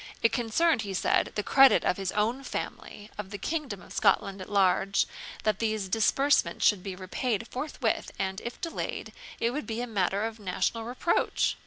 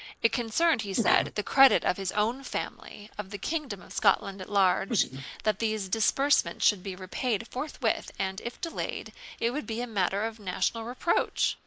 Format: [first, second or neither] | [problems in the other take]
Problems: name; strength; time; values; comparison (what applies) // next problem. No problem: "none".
first | noise reduction (neural mask model Resemble Enhance denoiser)